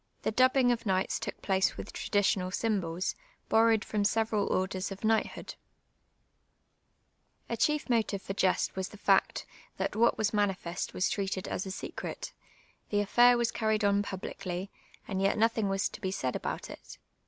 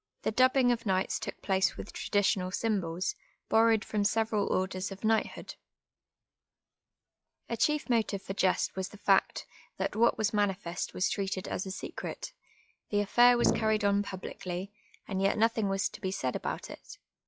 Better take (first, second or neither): first